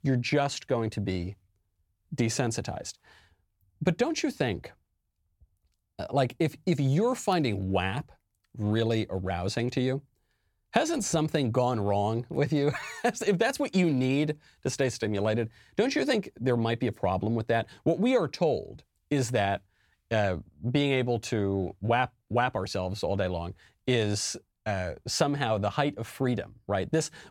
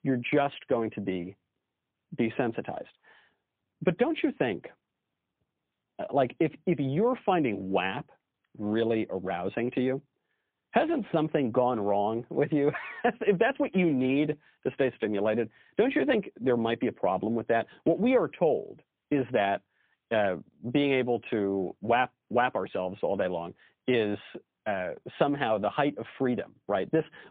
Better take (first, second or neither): first